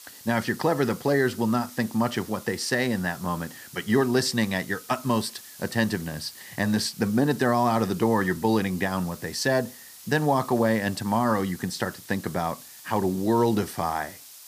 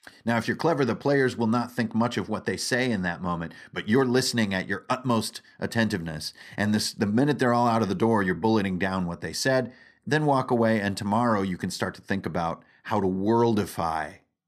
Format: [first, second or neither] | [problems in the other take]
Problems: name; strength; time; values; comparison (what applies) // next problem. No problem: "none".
second | hiss; noticeable; throughout; 20 dB below the speech